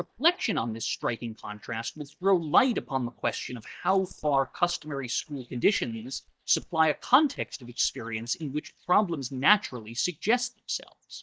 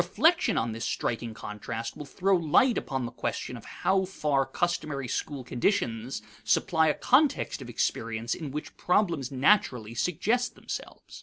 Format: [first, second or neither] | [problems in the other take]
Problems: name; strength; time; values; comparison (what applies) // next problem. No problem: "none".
second | noise reduction (neural mask model DeepFilterNet 3)